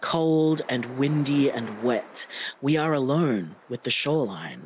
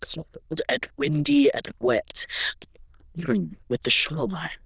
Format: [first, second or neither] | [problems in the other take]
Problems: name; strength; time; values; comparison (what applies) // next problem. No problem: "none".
first | noise reduction (neural diffusion model UNIVERSE++)